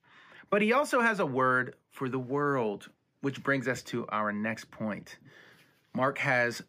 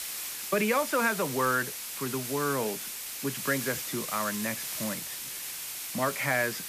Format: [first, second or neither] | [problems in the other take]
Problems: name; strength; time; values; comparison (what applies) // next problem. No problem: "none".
first | hiss; loud; throughout; 4 dB below the speech